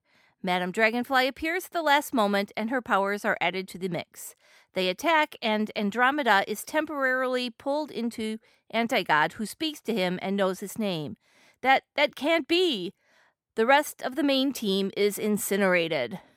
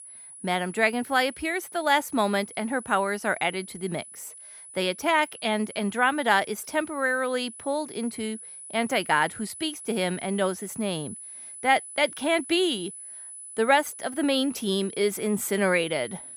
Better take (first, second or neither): first